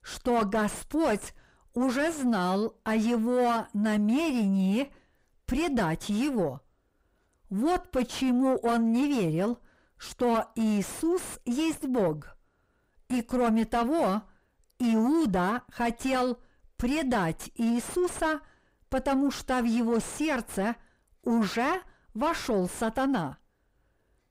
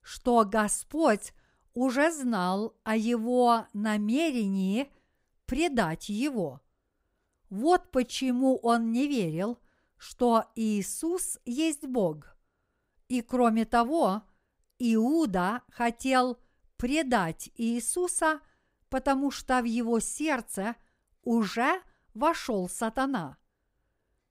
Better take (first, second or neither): second